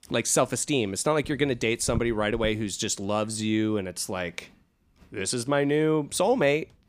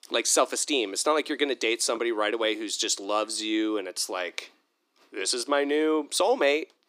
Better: first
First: none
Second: thin; somewhat; fading below 300 Hz

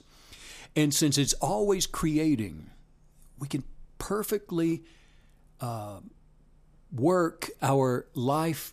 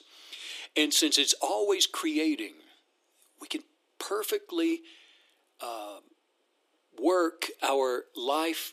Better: first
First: none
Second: thin; somewhat; fading below 300 Hz

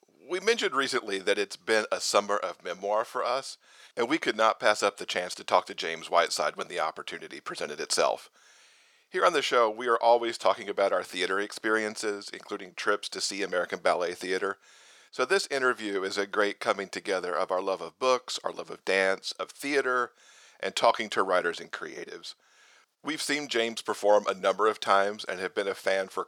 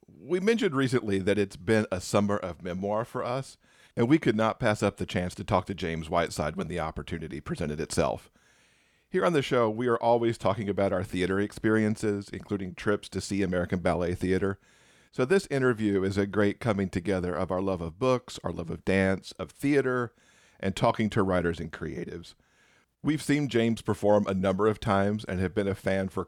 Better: second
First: thin; very; fading below 600 Hz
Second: none

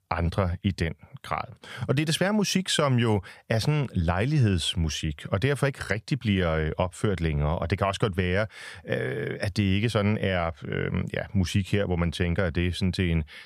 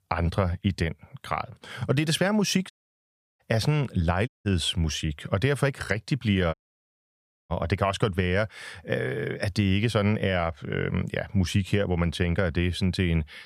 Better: first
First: none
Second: audio cutting out; at 2.5 s for 0.5 s, at 4.5 s and at 6.5 s for 1 s

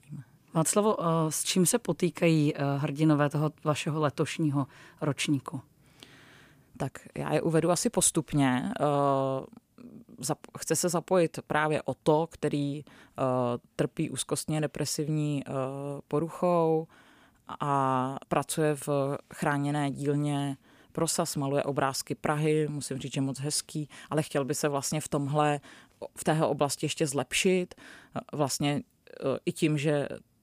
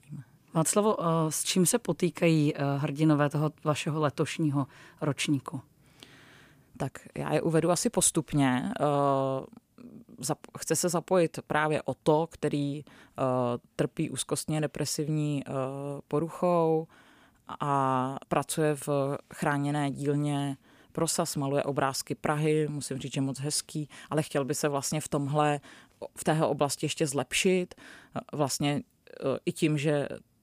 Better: neither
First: none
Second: none

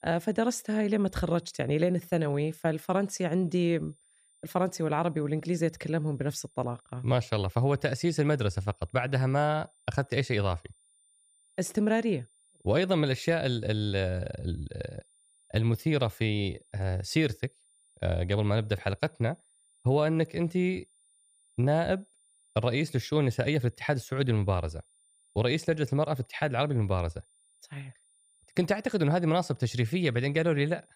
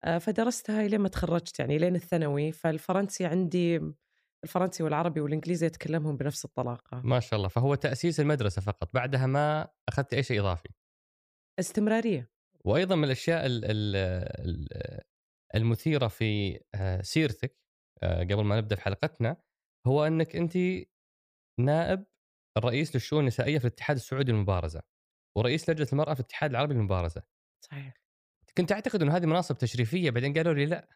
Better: second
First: high-pitched whine; faint; throughout; 9 kHz, 35 dB below the speech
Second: none

